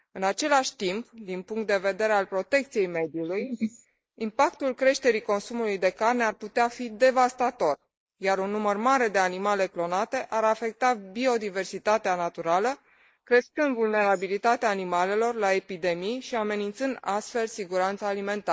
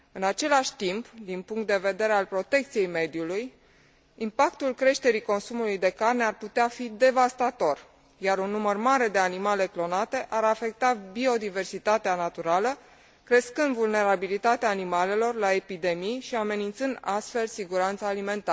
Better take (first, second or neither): second